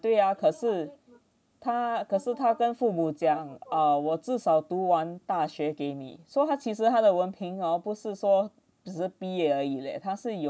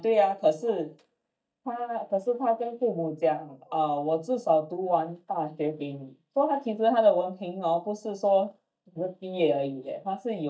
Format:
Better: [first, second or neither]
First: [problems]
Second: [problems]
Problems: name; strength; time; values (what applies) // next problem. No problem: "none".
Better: first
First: none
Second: noise reduction (neural mask model DeepFilterNet 3)